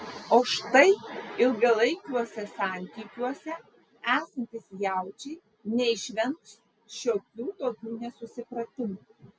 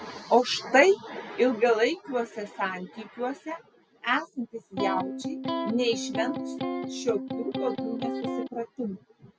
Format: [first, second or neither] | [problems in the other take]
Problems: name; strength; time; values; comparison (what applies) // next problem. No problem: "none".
first | background sound (Electric guitar); 3 dB below the speech